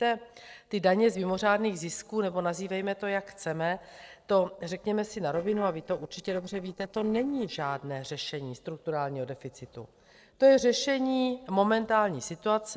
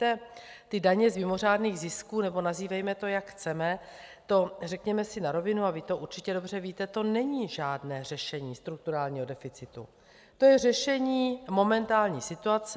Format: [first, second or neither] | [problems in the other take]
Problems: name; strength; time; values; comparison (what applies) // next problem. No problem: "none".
second | noise reduction (neural separator model SepFormer DNS4)